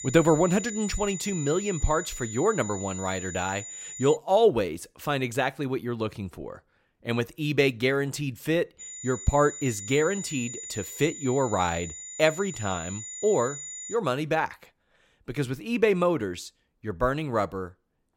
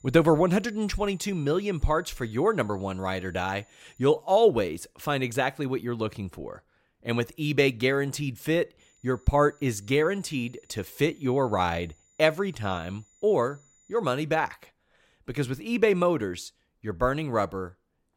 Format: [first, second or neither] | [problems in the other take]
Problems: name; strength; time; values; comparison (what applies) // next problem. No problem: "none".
second | high-pitched whine; loud; until 4 s and from 9 to 14 s; 7 kHz, 10 dB below the speech; faint in the second